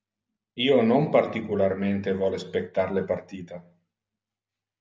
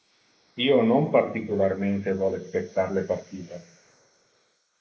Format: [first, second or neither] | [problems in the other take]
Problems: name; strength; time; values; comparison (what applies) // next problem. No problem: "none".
first | noise reduction (neural mask model Resemble Enhance denoiser)